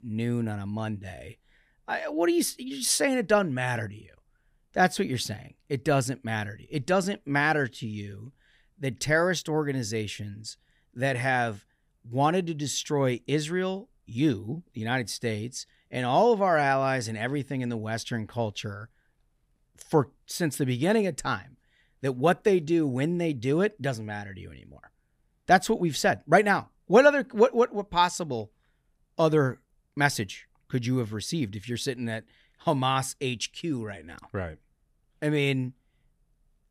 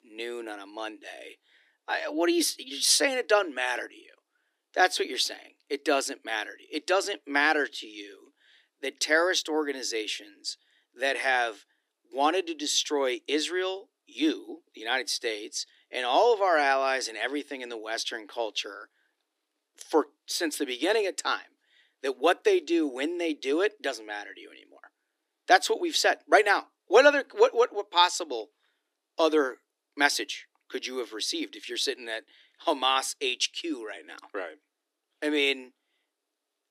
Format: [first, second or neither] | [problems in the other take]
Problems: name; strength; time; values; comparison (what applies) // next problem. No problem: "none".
first | thin; somewhat; fading below 300 Hz